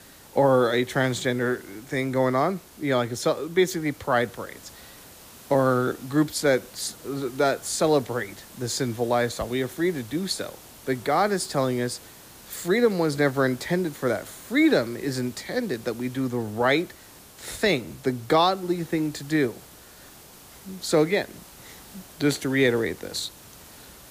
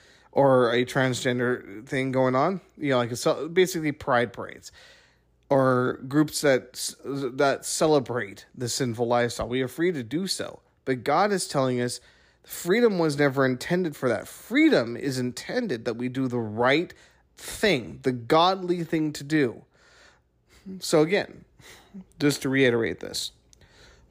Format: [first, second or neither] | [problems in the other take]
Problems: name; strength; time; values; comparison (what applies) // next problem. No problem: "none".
second | hiss; faint; throughout; 20 dB below the speech